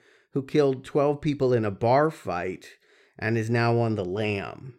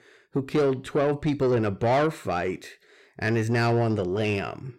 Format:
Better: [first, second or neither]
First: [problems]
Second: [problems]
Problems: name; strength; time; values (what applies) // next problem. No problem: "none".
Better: first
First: none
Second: distortion; slight; 10 dB below the speech